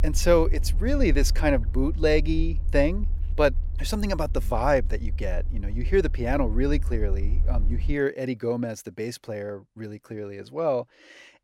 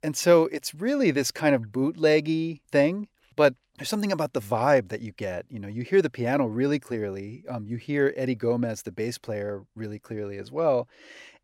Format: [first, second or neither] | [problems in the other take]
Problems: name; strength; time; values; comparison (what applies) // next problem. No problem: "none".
second | low rumble; faint; until 8 s; 25 dB below the speech